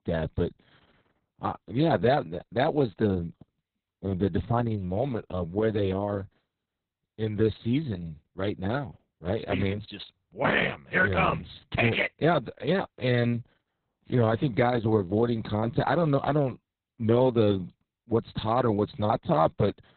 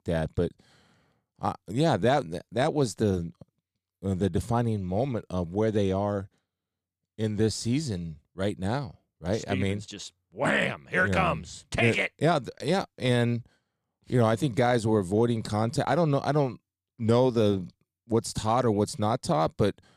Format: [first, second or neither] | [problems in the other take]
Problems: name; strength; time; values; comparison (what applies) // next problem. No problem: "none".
second | garbled, watery; badly; nothing above 4 kHz